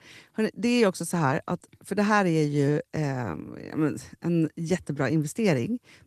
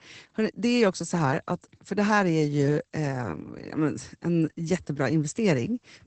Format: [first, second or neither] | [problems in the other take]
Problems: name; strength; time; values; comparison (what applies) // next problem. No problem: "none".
first | garbled, watery; badly; nothing above 8 kHz; slightly in the first